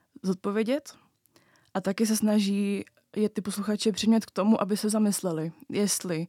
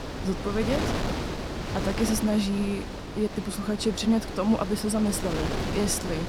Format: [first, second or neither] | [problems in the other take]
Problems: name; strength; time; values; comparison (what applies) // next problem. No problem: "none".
first | wind noise on the microphone; heavy; 3 dB below the speech